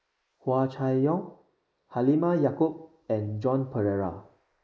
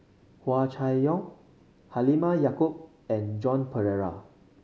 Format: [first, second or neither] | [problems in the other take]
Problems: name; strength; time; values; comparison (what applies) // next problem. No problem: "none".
second | noise reduction (neural mask model Resemble Enhance denoiser)